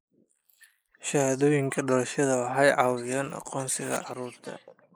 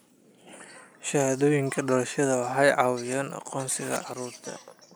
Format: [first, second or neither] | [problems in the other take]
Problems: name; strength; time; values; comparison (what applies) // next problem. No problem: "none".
second | noise reduction (neural mask model Resemble Enhance denoiser)